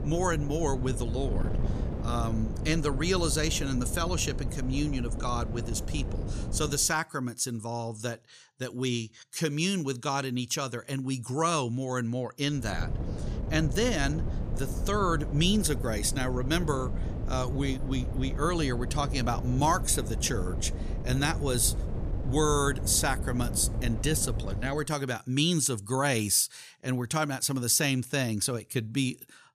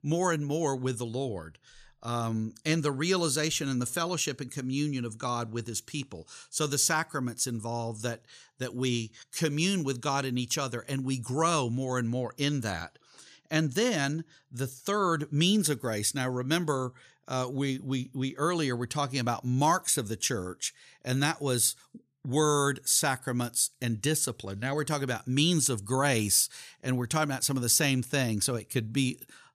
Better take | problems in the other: second | wind noise on the microphone; occasional gusts; until 7 s and from 13 to 25 s; 15 dB below the speech

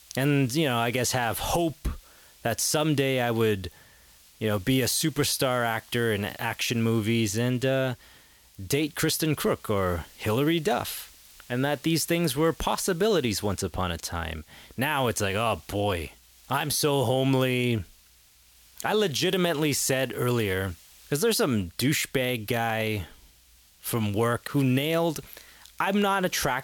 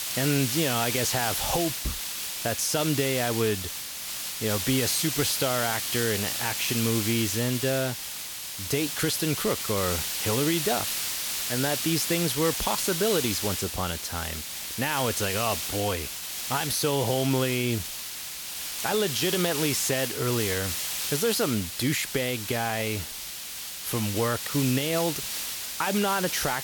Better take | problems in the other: first | hiss; loud; throughout; 2 dB below the speech; faint in the first

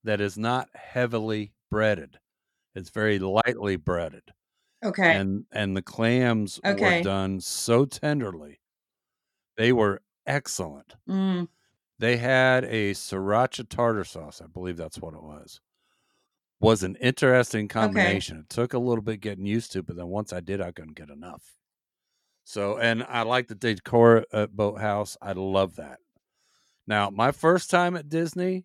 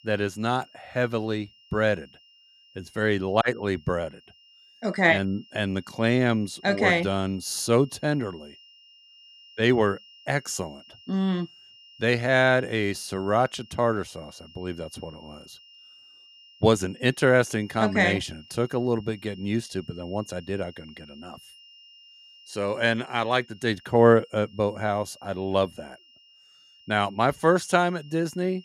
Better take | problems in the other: first | high-pitched whine; faint; throughout; 3 kHz, 25 dB below the speech

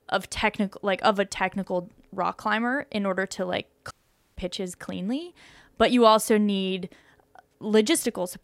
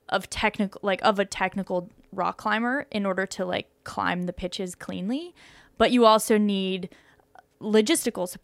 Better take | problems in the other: second | audio cutting out; at 4 s

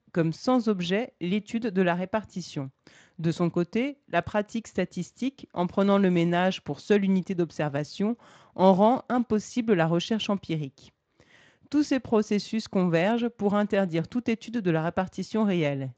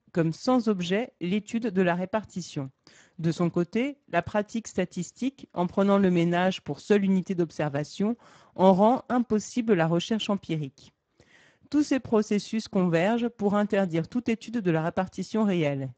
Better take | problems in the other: first | garbled, watery; badly; nothing above 7.5 kHz; slightly in the first

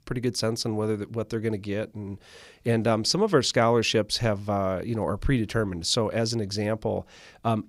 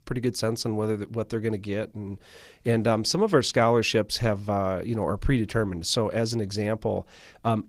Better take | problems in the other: first | garbled, watery; slightly; nothing above 15.5 kHz

